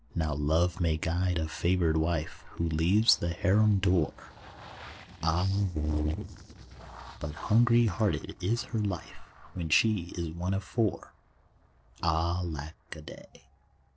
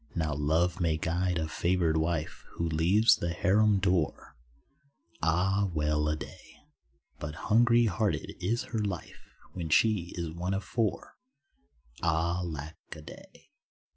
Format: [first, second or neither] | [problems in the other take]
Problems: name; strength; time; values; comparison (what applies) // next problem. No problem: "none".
second | noise reduction (neural separator model SepFormer DNS4)